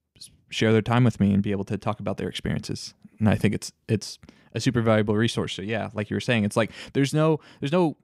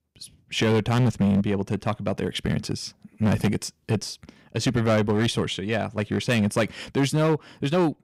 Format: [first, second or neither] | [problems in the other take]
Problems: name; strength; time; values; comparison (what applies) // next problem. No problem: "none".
first | distortion; slight; 8% of the sound clipped